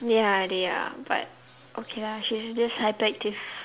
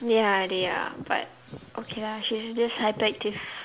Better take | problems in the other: first | background sound (Wind); 19 dB below the speech

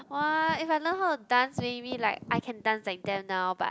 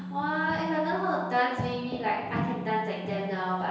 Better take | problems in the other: first | background sound (Telephone); 10 dB below the speech // room echo; dies away in 1.2 s

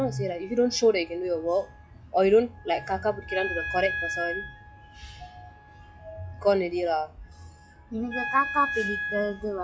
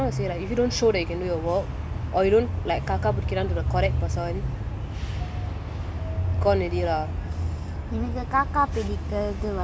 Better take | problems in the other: second | noise reduction (classical method log-MMSE)

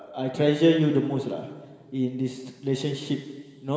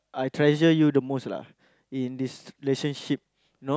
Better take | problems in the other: second | room echo; dies away in 2.1 s

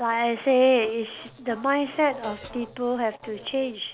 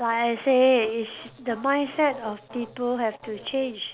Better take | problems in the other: second | background sound (Hi-hat); 19 dB below the speech

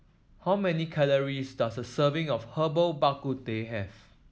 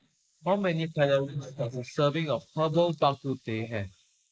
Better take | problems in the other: first | noise reduction (neural mask model Resemble Enhance denoiser)

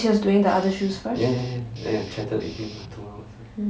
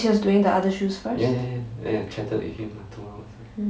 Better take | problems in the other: second | background sound (Guitar); 20 dB below the speech

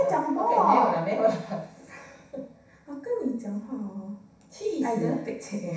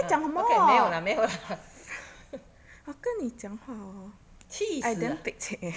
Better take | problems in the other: second | room echo; dies away in 0.7 s

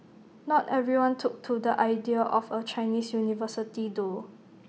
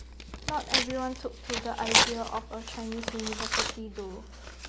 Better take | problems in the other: first | background sound (Tearing); 4 dB above the speech

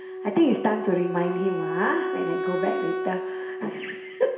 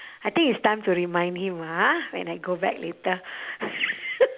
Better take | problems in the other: second | background sound (Wind instrument, woodwind instrument); 4 dB below the speech // room echo; dies away in 0.7 s

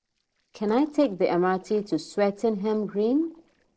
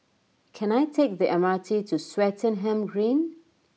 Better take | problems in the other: second | noise reduction (neural separator model SepFormer DNS4)

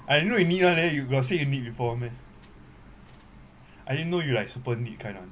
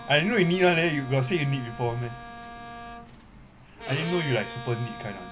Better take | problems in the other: first | background sound (Bowed string instrument); 14 dB below the speech

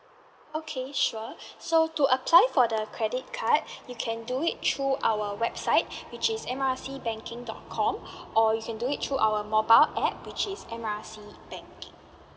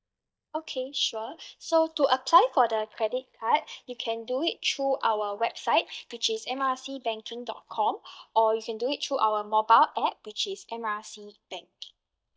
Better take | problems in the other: first | noise reduction (neural mask model DeepFilterNet 3)

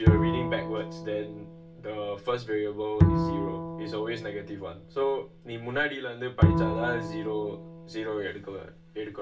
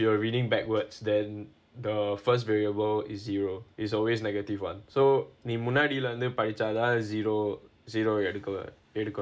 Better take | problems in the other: second | background sound (Bowed string instrument); 3 dB above the speech // room echo; dies away in 0.2 s

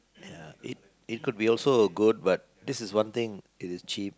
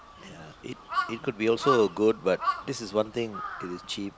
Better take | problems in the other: first | background sound (Crow); 6 dB below the speech

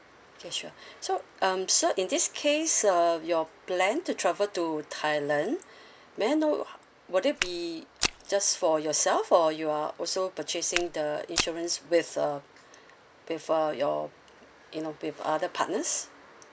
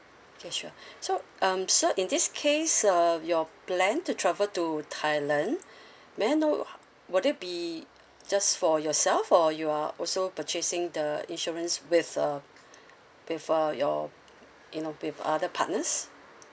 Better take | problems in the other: second | background sound (Walk, footsteps); 6 dB below the speech

